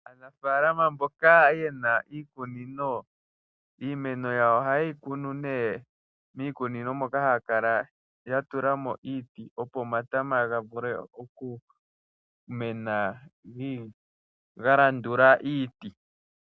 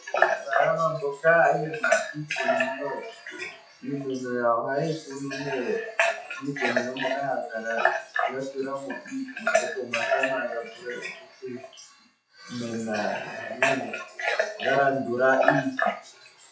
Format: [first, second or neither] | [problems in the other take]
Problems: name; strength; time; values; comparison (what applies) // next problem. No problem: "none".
first | noise reduction (classical method WPE with log-MMSE)